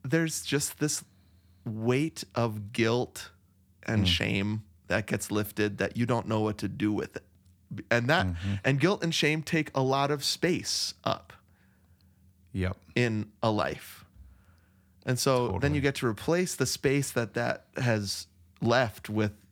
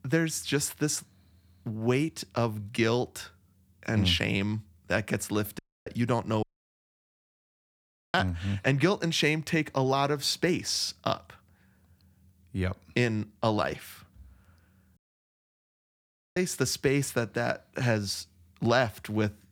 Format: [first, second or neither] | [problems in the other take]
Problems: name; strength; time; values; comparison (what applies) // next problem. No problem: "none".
first | audio cutting out; at 5.5 s, at 6.5 s for 1.5 s and at 15 s for 1.5 s